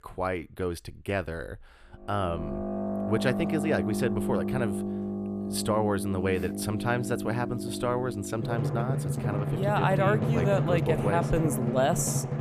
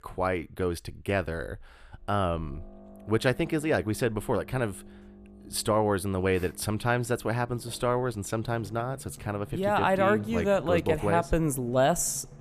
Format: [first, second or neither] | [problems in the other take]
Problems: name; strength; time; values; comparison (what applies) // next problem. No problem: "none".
second | background music; loud; from 2.5 s on; 1 dB below the speech; faint in the second